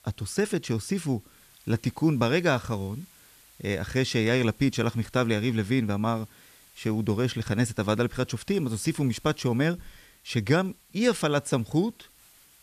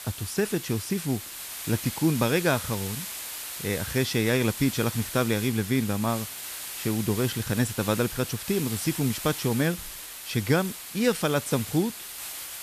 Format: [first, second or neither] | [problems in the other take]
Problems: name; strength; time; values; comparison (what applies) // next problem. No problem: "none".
first | hiss; loud; throughout; 7 dB below the speech; faint in the first